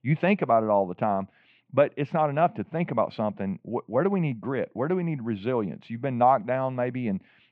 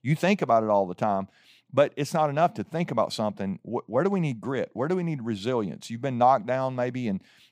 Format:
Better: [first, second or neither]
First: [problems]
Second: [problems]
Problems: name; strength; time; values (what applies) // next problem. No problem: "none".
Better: second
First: muffled; very; fading above 2.5 kHz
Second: none